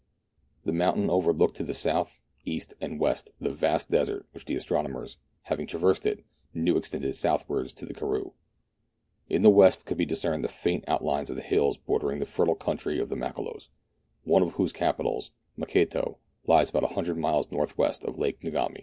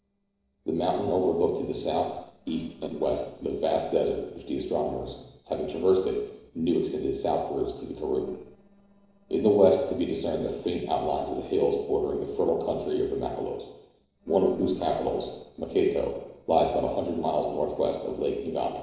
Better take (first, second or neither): first